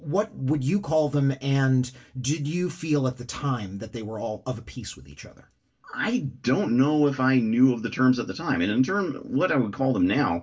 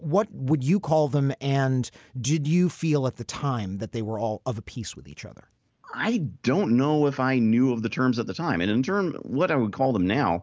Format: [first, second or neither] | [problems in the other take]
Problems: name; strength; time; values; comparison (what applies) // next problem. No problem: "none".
second | room echo; dies away in 0.2 s